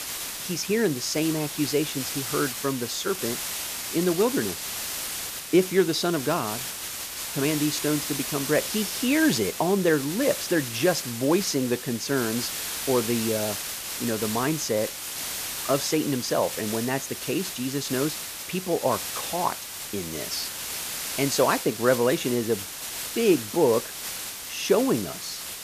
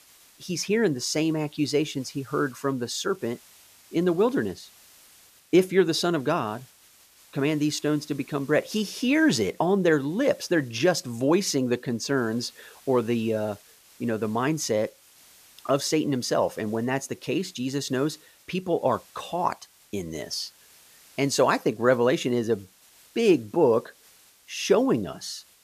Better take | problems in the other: second | hiss; loud; throughout; 5 dB below the speech; faint in the second

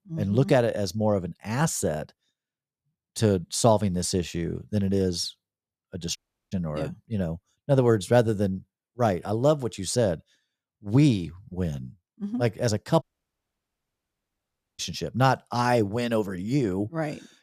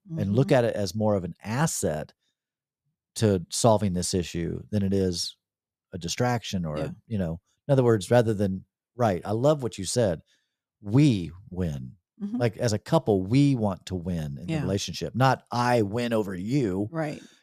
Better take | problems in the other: second | audio cutting out; at 6 s and at 13 s for 2 s

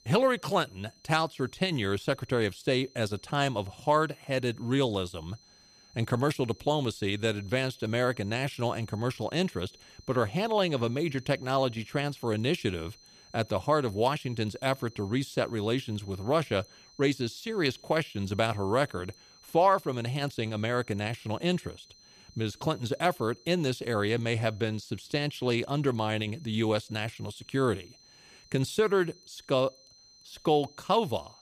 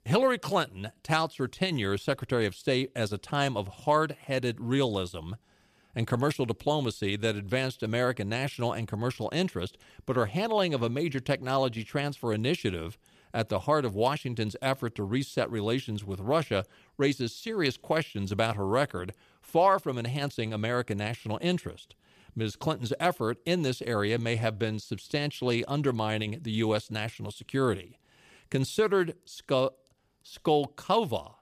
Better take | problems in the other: second | high-pitched whine; faint; throughout; 4 kHz, 25 dB below the speech

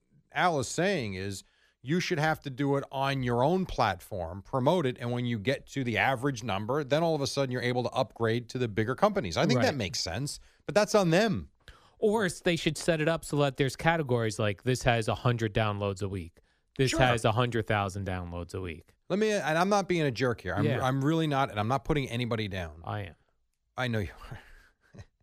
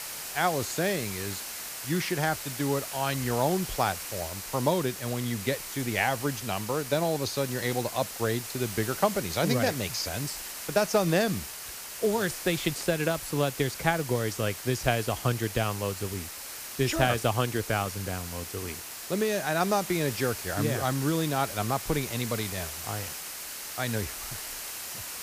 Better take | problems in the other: first | hiss; loud; throughout; 7 dB below the speech

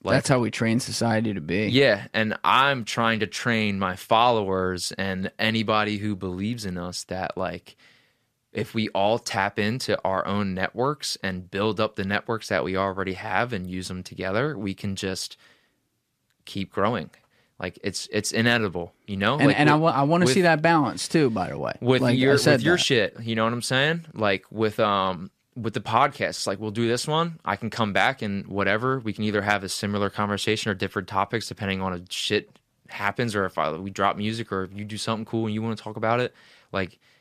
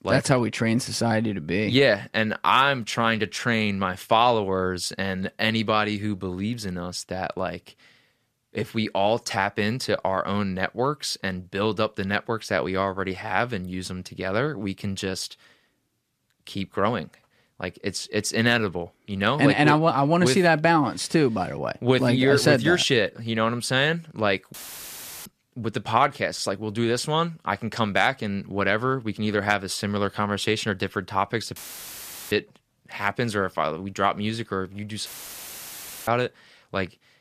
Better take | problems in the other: first | audio cutting out; filled with static; at 25 s for 0.5 s, at 32 s for 1 s and at 35 s for 1 s

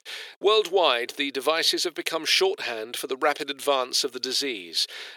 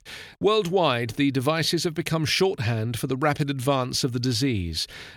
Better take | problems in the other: second | thin; very; fading below 400 Hz

